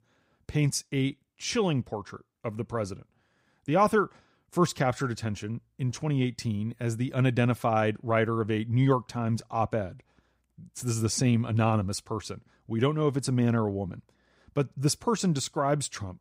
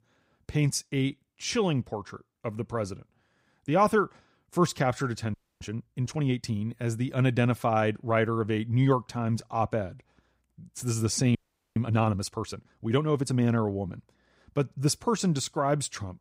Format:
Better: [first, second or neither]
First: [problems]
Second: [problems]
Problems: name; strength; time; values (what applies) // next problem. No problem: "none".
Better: first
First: none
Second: audio freezing; at 5.5 s and at 11 s